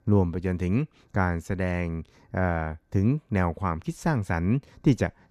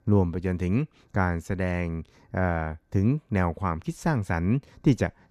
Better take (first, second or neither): neither